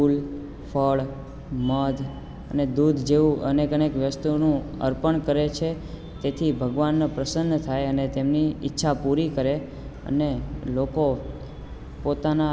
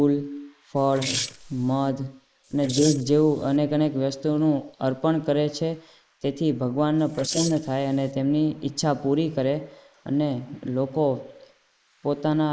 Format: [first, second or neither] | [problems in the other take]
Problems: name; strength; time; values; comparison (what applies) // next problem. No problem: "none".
first | noise reduction (neural mask model Resemble Enhance denoiser)